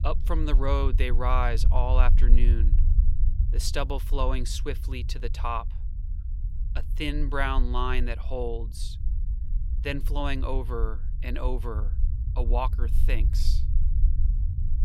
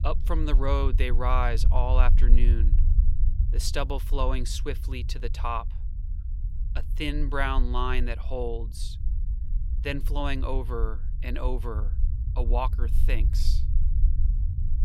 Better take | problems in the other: neither | low rumble; noticeable; throughout; 15 dB below the speech; the same in both

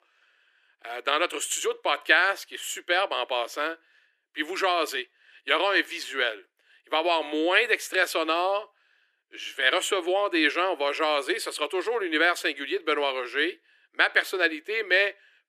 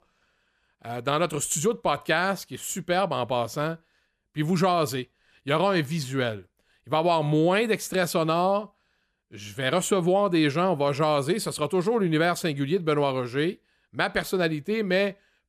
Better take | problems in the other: second | thin; very; fading below 300 Hz

